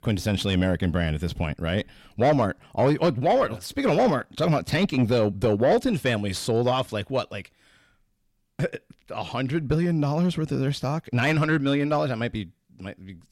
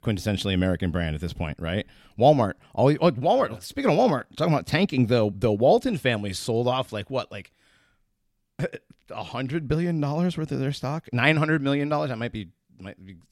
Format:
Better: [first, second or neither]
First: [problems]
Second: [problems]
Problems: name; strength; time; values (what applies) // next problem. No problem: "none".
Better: second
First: distortion; slight; 10 dB below the speech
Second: none